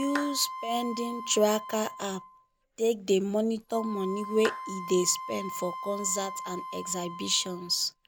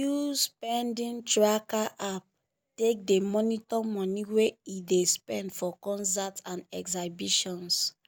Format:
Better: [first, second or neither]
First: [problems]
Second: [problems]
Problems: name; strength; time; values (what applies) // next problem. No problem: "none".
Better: second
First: background sound (Wind instrument, woodwind instrument + Clapping); 10 dB below the speech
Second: none